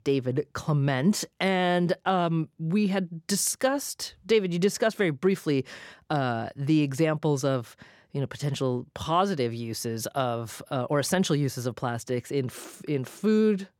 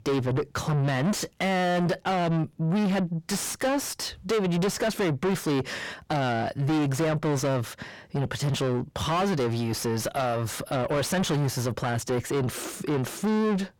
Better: first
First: none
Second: distortion; heavy; 6 dB below the speech

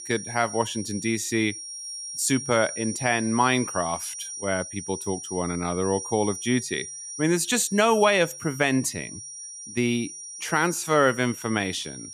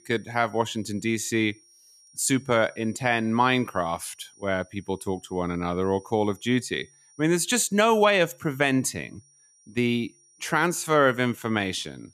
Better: second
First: high-pitched whine; loud; throughout; 5.5 kHz, 10 dB below the speech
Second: high-pitched whine; faint; throughout; 5.5 kHz, 30 dB below the speech

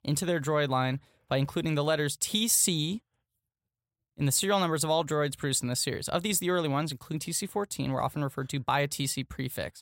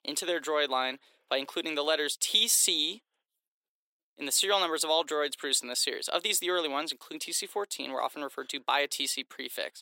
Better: first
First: none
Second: thin; somewhat; fading below 300 Hz

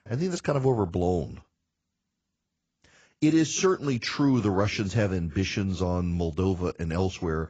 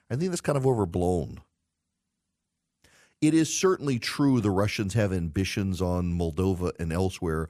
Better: second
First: garbled, watery; badly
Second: none

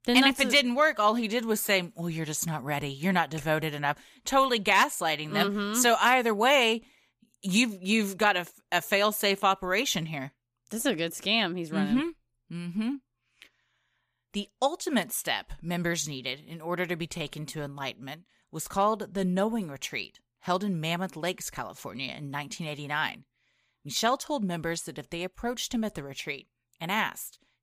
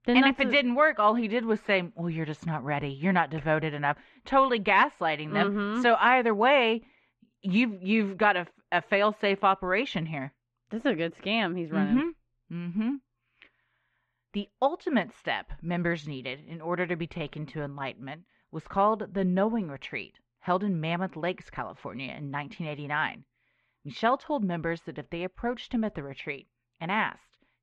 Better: first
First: none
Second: muffled; very; fading above 2.5 kHz

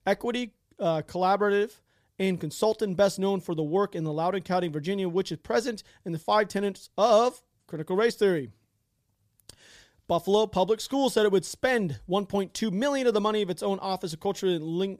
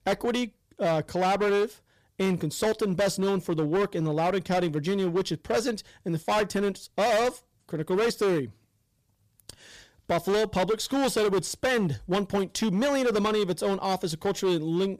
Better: first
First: none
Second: distortion; heavy; 15% of the sound clipped

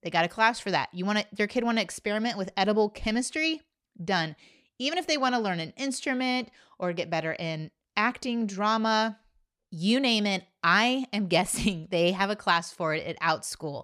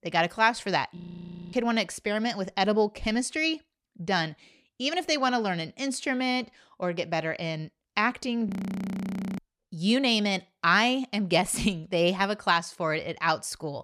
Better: first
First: none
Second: audio freezing; at 1 s for 0.5 s and at 8.5 s for 1 s

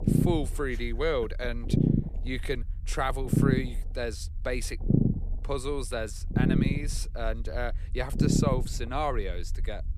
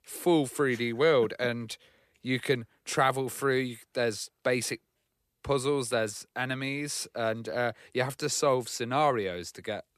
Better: second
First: low rumble; loud; throughout; 1 dB below the speech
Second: none

